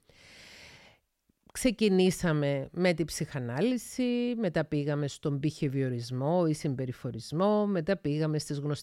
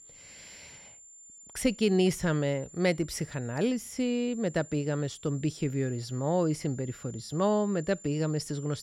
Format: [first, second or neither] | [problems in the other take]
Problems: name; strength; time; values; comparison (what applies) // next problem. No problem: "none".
first | high-pitched whine; noticeable; throughout; 7 kHz, 20 dB below the speech